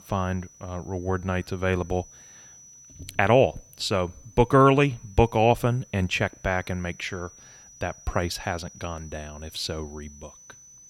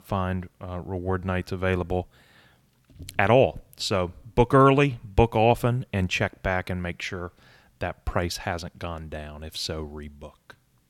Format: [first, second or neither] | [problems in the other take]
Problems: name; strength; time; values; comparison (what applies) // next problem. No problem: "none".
second | high-pitched whine; faint; throughout; 6 kHz, 25 dB below the speech